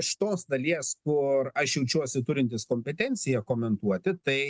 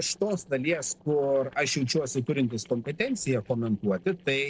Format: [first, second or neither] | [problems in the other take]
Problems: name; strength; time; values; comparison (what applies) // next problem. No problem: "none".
first | noise reduction (neural separator model SepFormer DNS4)